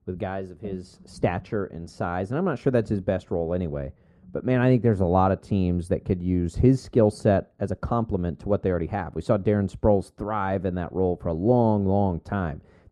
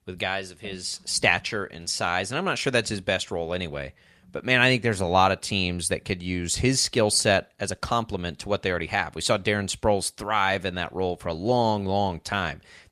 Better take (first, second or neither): second